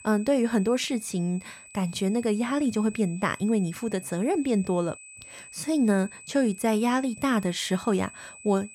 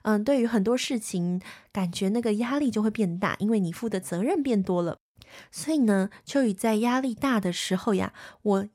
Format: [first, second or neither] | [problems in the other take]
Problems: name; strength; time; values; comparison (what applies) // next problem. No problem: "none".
second | high-pitched whine; noticeable; throughout; 8 kHz, 20 dB below the speech